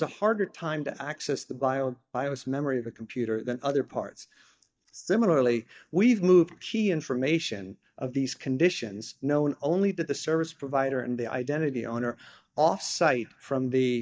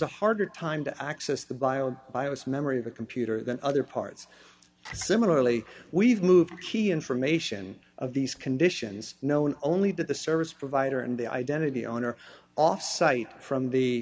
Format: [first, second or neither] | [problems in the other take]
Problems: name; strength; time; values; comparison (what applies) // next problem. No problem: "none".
second | noise reduction (neural mask model DeepFilterNet 3)